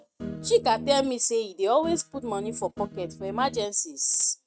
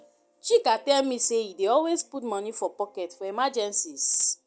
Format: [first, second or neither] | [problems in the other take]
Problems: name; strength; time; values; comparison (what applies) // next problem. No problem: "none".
second | noise reduction (neural mask model RNNoise)